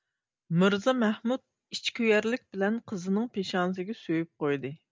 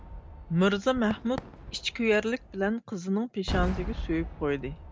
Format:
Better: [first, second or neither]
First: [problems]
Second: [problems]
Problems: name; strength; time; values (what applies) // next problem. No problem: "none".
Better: first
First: none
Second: background sound (Cheering / Fireworks); 9 dB below the speech